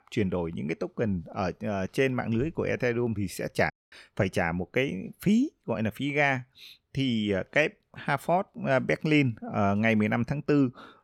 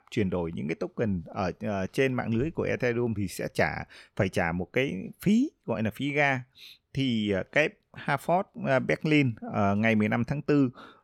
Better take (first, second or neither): second